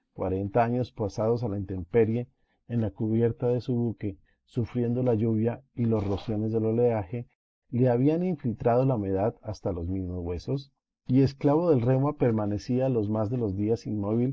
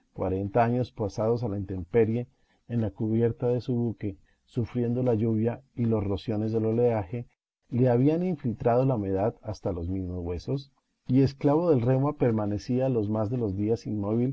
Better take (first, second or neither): second